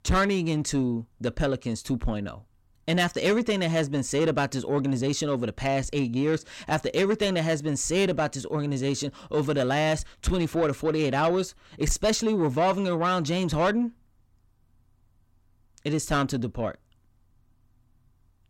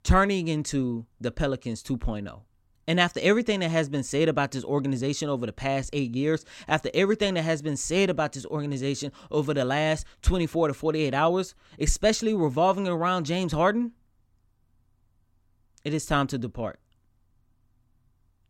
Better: second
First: distortion; slight; 10 dB below the speech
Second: none

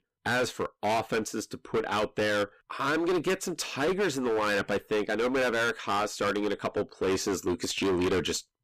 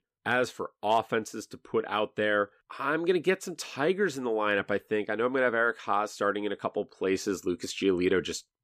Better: second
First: distortion; heavy; 20% of the sound clipped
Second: none

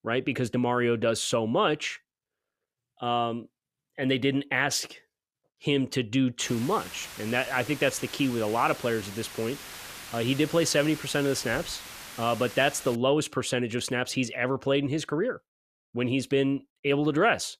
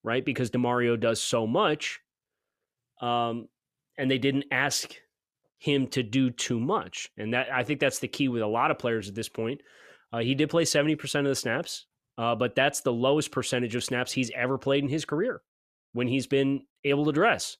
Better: second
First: hiss; noticeable; from 6.5 to 13 s; 15 dB below the speech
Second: none

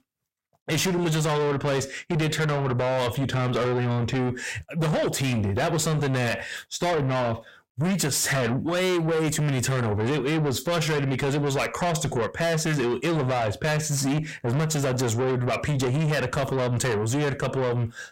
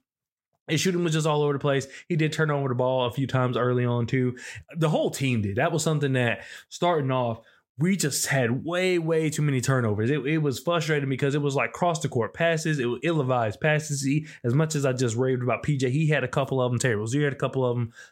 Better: second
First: distortion; heavy; 6 dB below the speech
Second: none

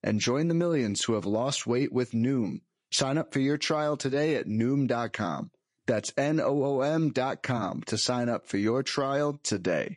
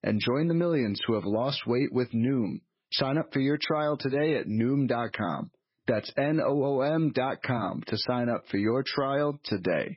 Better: first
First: garbled, watery; slightly; nothing above 10.5 kHz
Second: garbled, watery; badly; nothing above 5.5 kHz

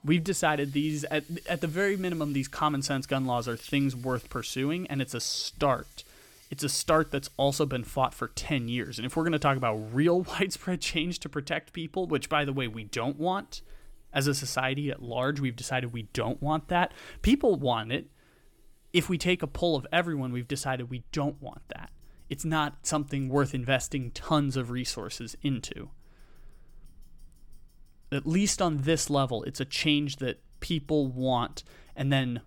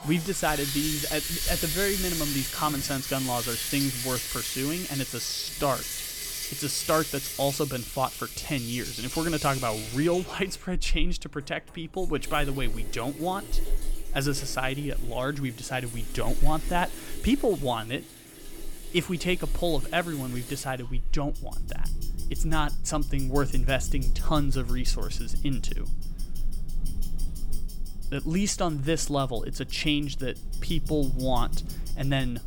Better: first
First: household noises; faint; throughout; 30 dB below the speech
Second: household noises; loud; throughout; 5 dB below the speech

